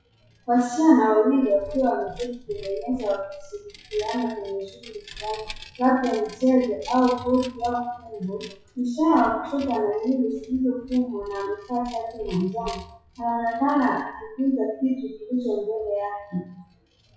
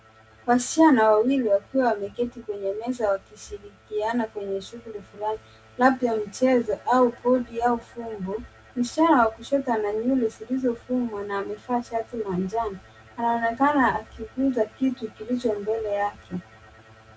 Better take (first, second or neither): second